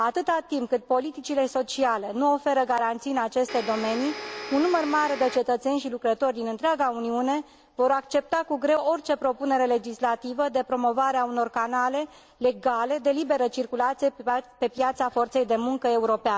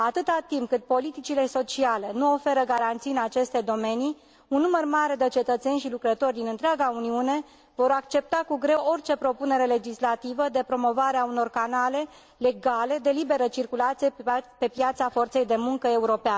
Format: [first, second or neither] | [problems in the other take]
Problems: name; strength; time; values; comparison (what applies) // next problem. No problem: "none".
second | background sound (Domestic sounds, home sounds); 11 dB below the speech